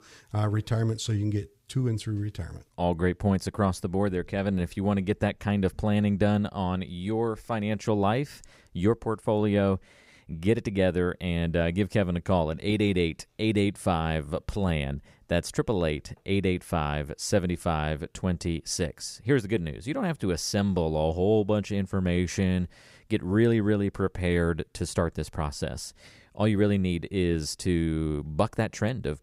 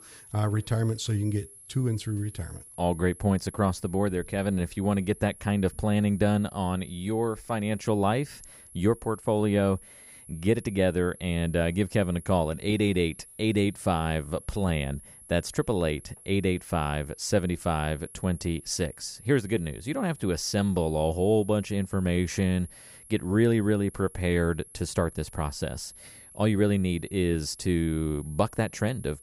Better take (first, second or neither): first